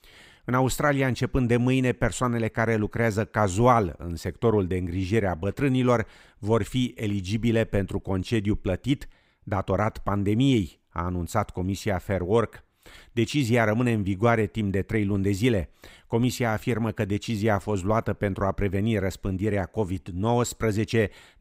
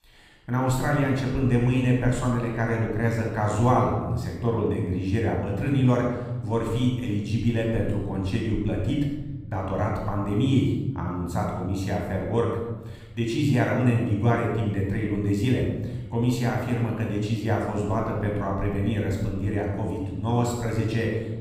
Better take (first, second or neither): first